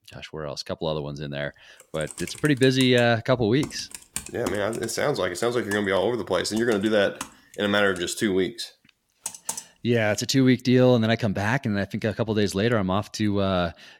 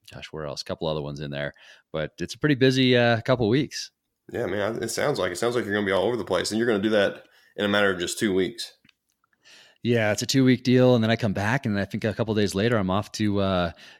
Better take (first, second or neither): second